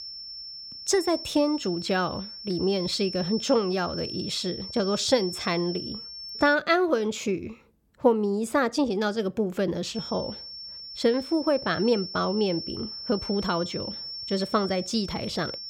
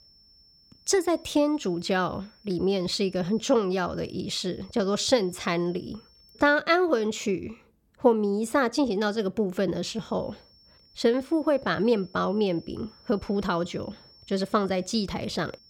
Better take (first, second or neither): second